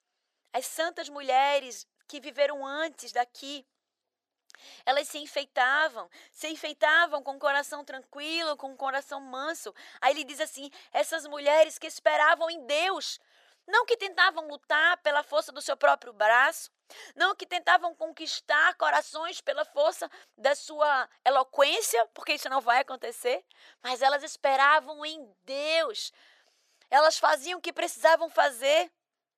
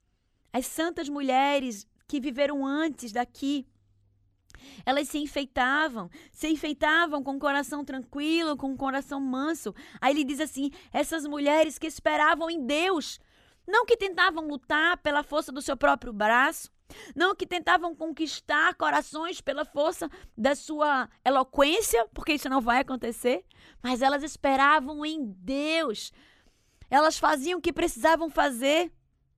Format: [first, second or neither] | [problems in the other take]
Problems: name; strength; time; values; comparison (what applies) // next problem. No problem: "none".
second | thin; very; fading below 500 Hz